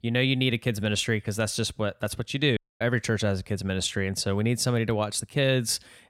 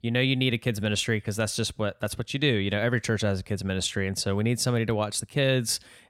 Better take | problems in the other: second | audio cutting out; at 2.5 s

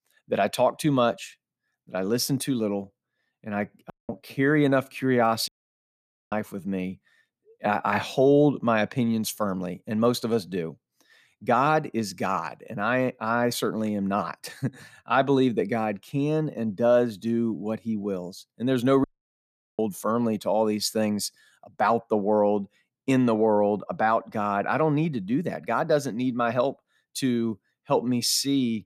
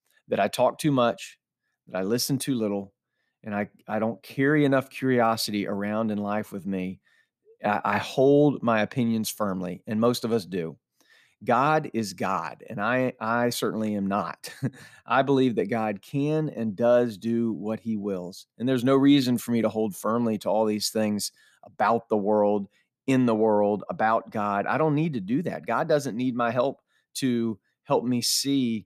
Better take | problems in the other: second | audio cutting out; at 4 s, at 5.5 s for 1 s and at 19 s for 1 s

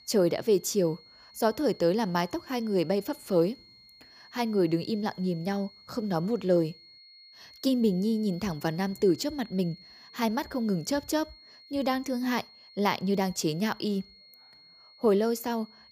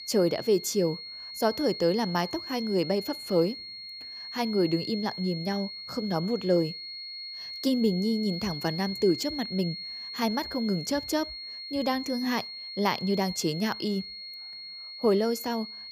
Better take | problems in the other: first | high-pitched whine; loud; throughout; 4.5 kHz, 8 dB below the speech; faint in the first

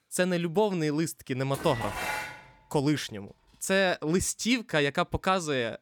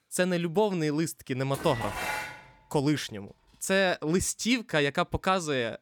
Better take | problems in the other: neither | clattering dishes; noticeable; at 1.5 s; peak 4 dB below the speech; the same in both

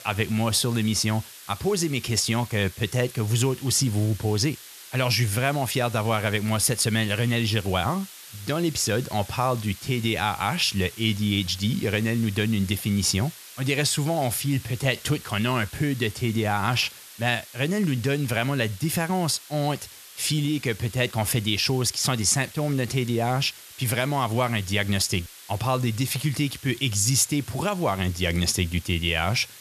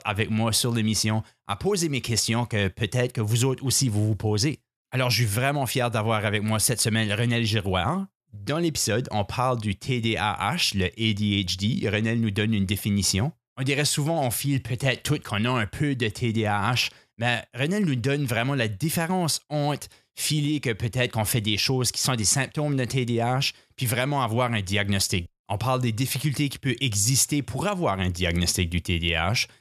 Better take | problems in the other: second | hiss; noticeable; throughout; 15 dB below the speech

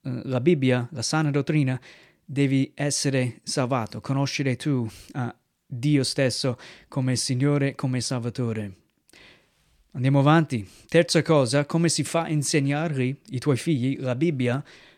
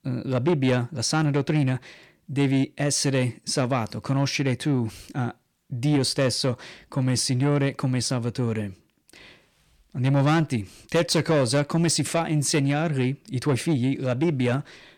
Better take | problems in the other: first | distortion; slight; 10 dB below the speech

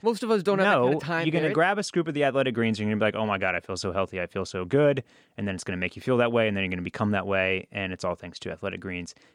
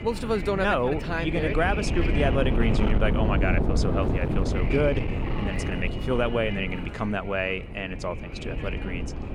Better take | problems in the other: first | wind noise on the microphone; heavy; 6 dB below the speech

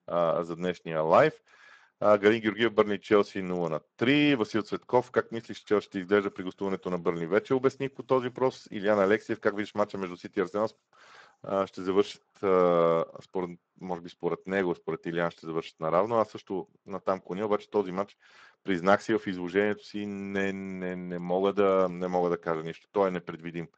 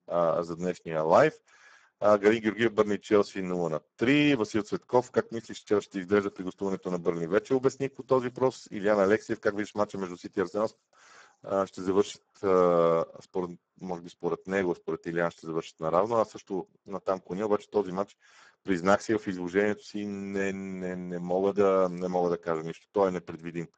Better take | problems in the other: first | garbled, watery; badly; nothing above 7.5 kHz; slightly in the first

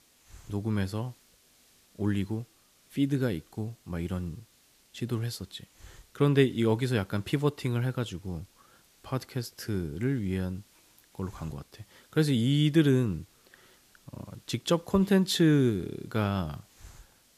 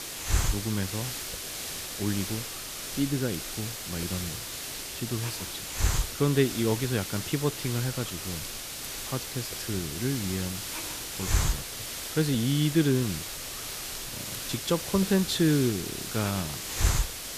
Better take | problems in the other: first | hiss; loud; throughout; 3 dB below the speech; faint in the first

